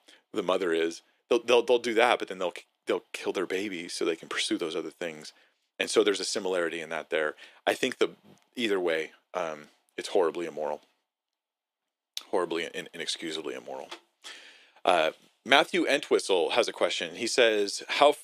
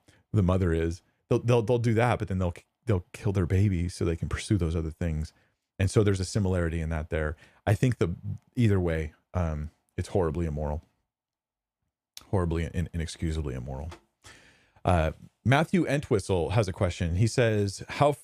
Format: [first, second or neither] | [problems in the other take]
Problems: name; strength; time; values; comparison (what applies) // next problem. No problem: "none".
second | thin; very; fading below 300 Hz